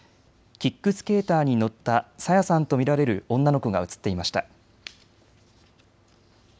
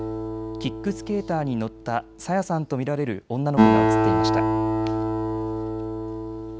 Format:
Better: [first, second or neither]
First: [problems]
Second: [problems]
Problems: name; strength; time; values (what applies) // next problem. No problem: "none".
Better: first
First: none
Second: background sound (Acoustic guitar); 4 dB above the speech